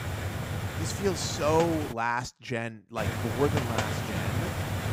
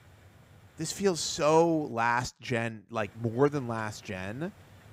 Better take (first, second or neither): second